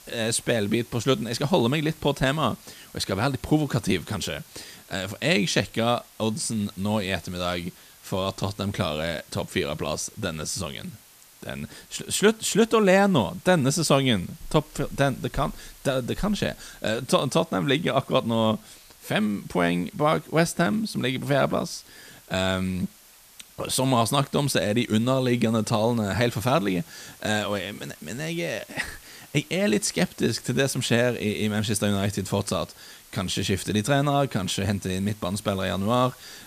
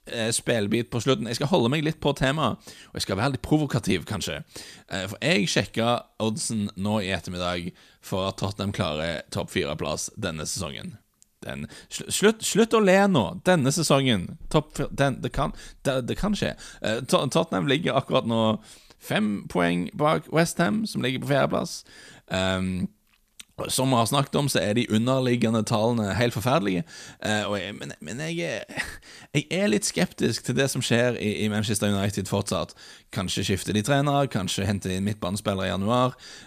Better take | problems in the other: second | hiss; faint; throughout; 25 dB below the speech

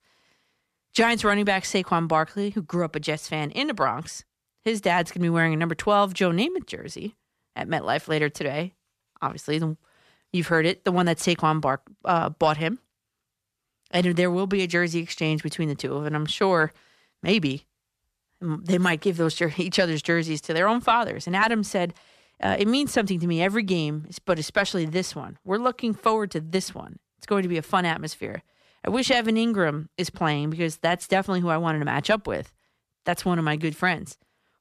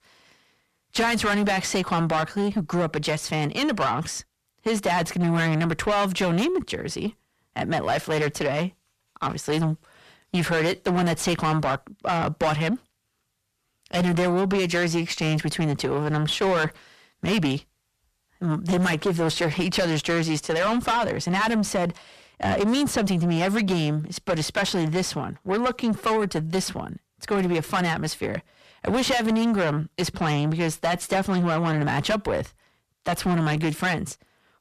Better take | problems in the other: first | distortion; heavy; 5 dB below the speech

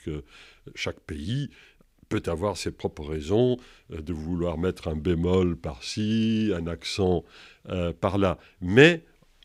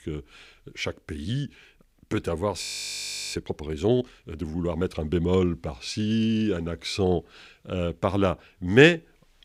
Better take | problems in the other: first | audio freezing; at 2.5 s for 0.5 s

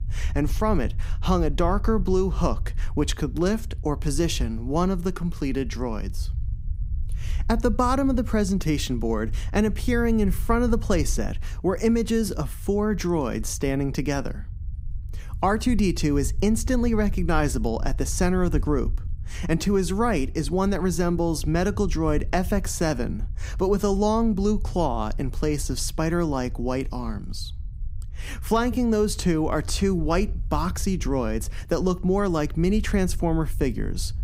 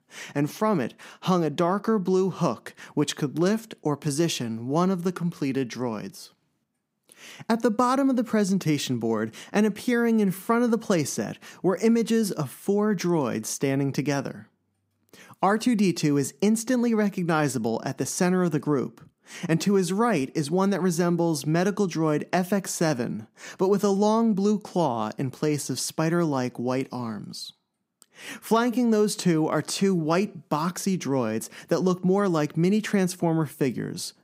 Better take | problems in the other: second | low rumble; faint; throughout; 25 dB below the speech

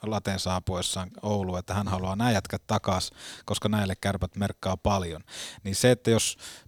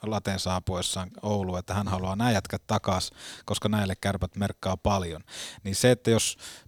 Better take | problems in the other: neither | none

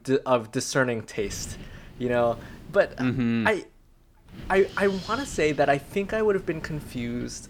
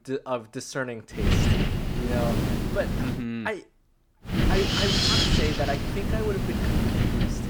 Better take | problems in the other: first | wind noise on the microphone; heavy; from 1 to 3 s and from 4.5 s on; 4 dB above the speech; occasional gusts in the first

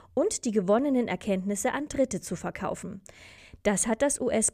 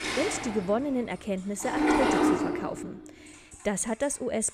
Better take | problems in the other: first | household noises; very loud; throughout; 4 dB above the speech

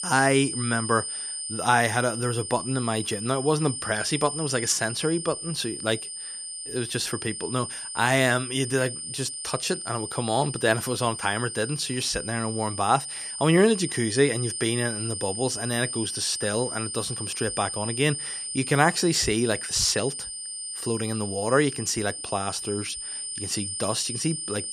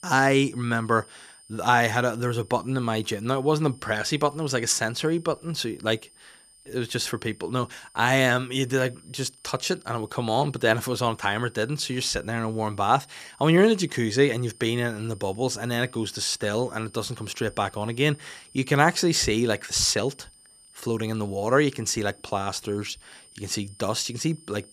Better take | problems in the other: second | high-pitched whine; loud; throughout; 9 kHz, 6 dB below the speech; faint in the second

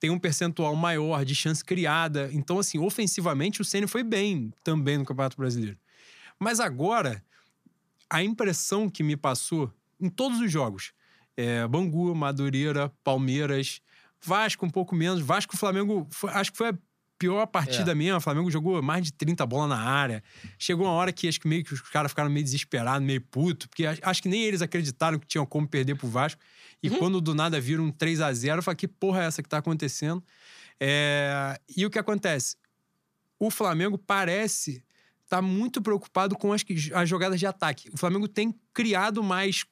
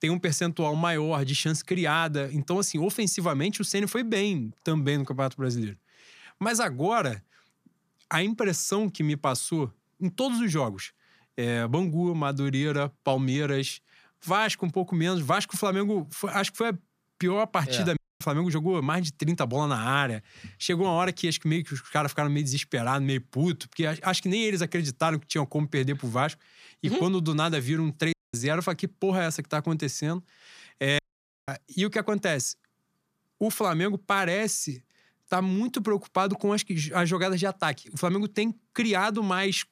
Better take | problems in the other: first | audio cutting out; at 18 s, at 28 s and at 31 s

